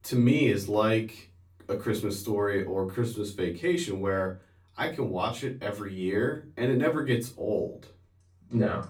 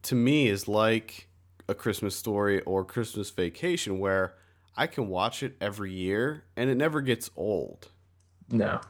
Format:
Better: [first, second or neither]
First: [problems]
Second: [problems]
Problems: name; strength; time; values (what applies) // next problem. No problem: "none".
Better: second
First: off-mic speech; far // room echo; very slight; dies away in 0.3 s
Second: none